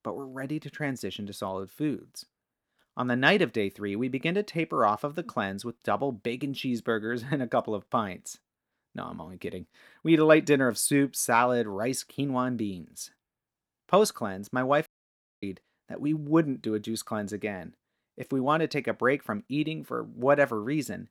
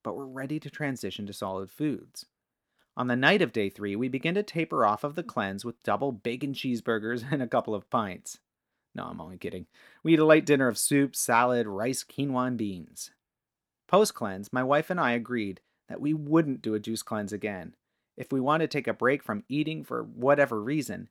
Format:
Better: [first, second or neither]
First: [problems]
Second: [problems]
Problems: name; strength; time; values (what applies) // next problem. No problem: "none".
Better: second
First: audio cutting out; at 15 s for 0.5 s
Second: none